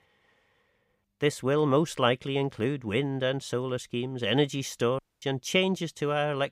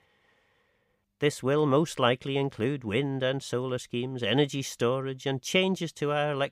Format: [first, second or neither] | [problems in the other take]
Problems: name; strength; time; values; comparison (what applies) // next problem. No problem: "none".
second | audio cutting out; at 5 s